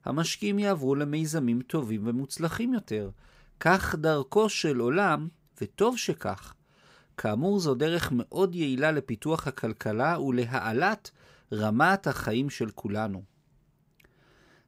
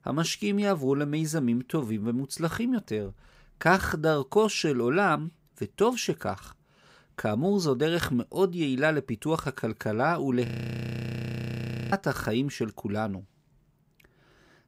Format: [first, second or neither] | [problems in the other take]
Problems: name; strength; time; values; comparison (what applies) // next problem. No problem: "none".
first | audio freezing; at 10 s for 1.5 s